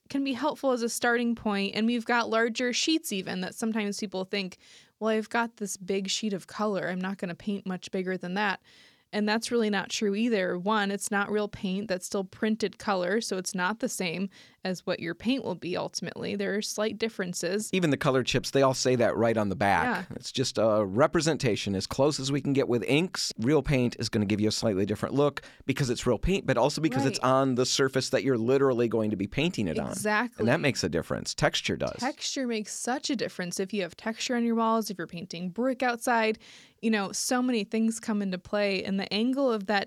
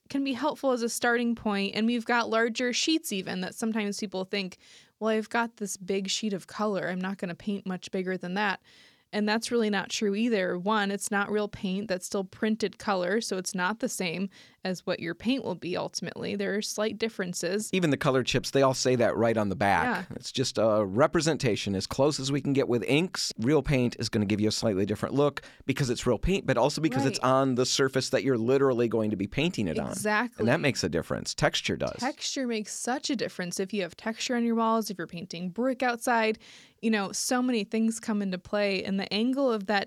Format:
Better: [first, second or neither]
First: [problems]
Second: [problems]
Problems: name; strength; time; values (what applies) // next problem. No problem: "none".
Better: neither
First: none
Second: none